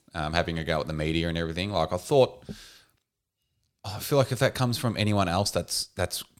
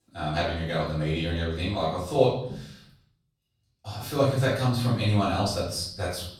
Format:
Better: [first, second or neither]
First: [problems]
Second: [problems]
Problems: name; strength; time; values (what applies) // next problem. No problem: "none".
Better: first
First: none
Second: room echo; noticeable; dies away in 0.7 s // off-mic speech; far